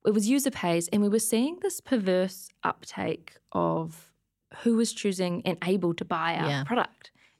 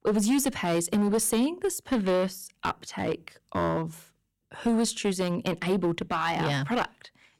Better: first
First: none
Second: distortion; slight; 7% of the sound clipped

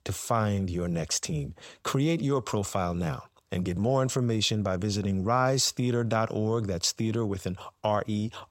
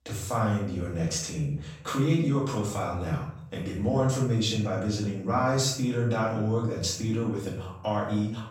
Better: first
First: none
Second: off-mic speech; far // room echo; noticeable; dies away in 0.6 s

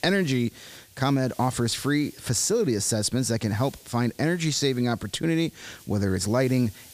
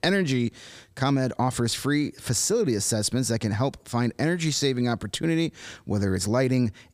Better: second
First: hiss; faint; throughout; 25 dB below the speech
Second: none

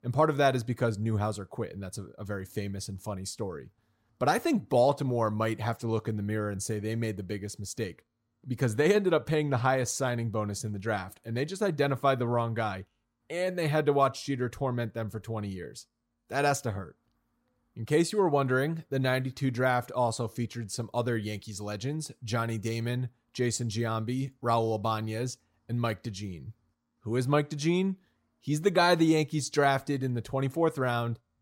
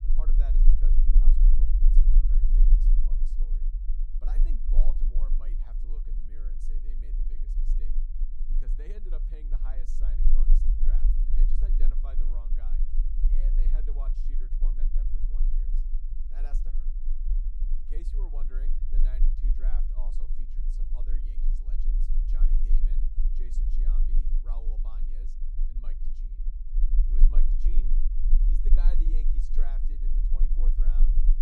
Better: first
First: none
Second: low rumble; loud; throughout; 1 dB below the speech

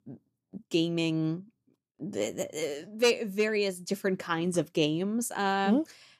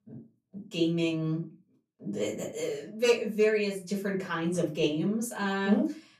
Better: first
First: none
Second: off-mic speech; far // room echo; slight; dies away in 0.3 s

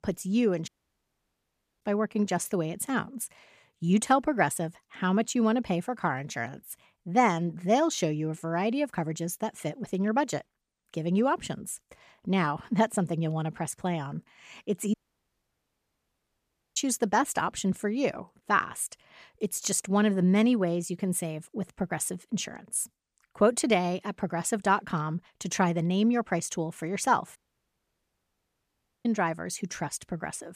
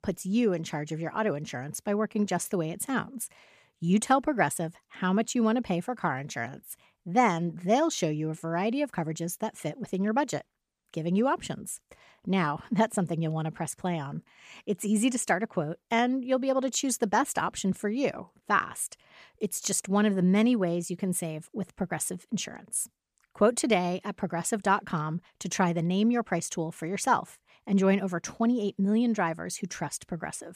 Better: second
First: audio cutting out; at 0.5 s for 1 s, at 15 s for 2 s and at 27 s for 1.5 s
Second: none

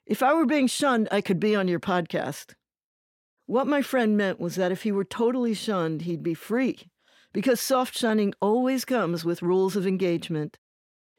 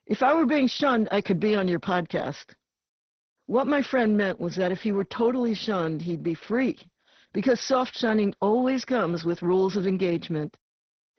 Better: first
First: none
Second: garbled, watery; badly; nothing above 6 kHz

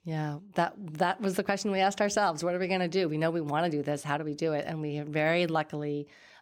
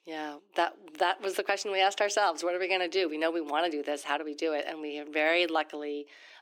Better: first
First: none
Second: thin; somewhat; fading below 300 Hz

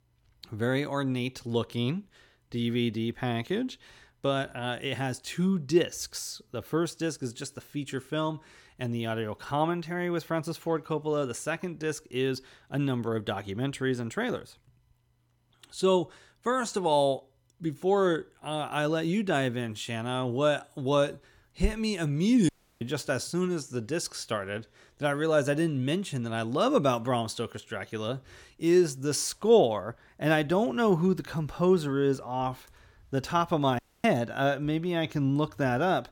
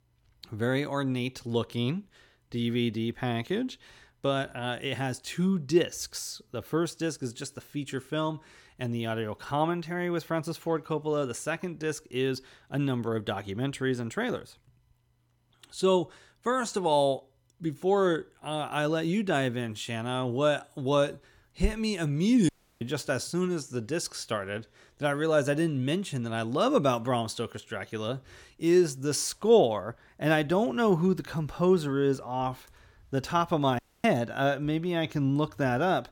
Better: neither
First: audio cutting out; at 22 s and at 34 s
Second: audio cutting out; at 22 s and at 34 s

